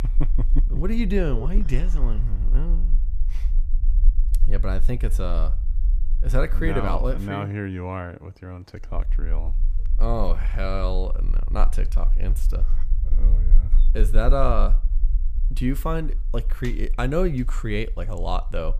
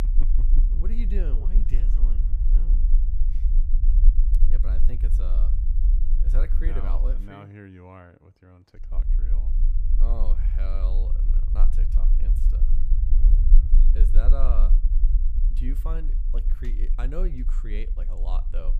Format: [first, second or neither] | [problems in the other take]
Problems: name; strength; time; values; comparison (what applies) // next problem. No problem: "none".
first | low rumble; loud; until 7 s and from 9 s on; 6 dB below the speech; faint in the first